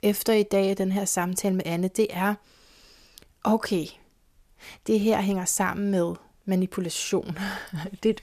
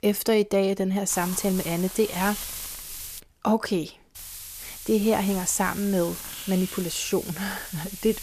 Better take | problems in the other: first | hiss; loud; from 1 to 3 s and from 4 s on; 10 dB below the speech

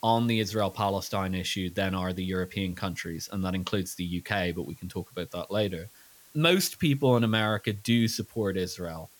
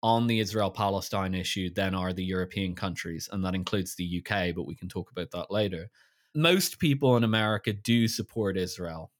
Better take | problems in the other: second | hiss; faint; throughout; 25 dB below the speech

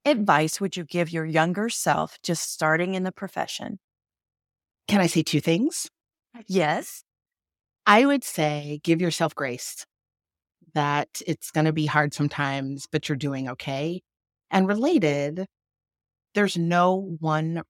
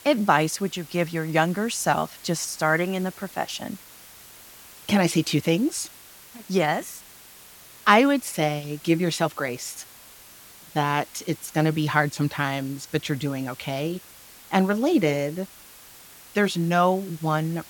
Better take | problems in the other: first | hiss; faint; throughout; 20 dB below the speech

